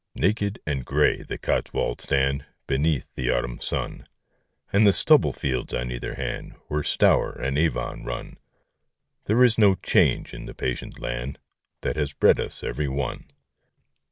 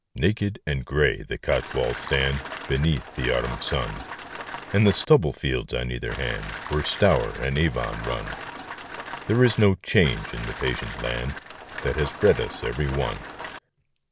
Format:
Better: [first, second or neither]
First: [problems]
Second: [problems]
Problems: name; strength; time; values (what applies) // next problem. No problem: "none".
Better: first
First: none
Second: background sound (Rain); 11 dB below the speech